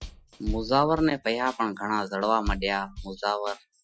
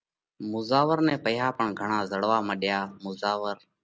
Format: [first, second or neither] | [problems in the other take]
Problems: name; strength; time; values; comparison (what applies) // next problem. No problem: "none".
second | noise reduction (classical method Wiener filter)